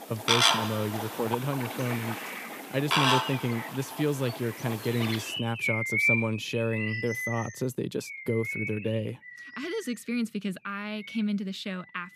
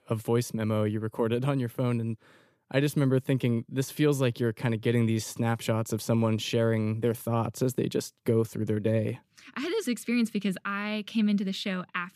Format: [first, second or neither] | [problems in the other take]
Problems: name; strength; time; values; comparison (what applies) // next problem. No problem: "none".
second | animal sounds; very loud; throughout; 2 dB above the speech